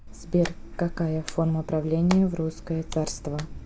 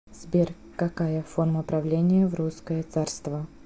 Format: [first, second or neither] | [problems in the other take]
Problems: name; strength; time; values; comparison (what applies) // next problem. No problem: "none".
second | background sound (Ocean + Hands); 11 dB below the speech